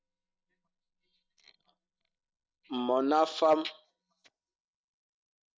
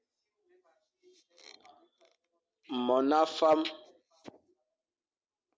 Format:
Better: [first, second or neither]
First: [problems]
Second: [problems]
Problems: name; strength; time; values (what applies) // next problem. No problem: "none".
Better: second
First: noise reduction (neural mask model DeepFilterNet 3)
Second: none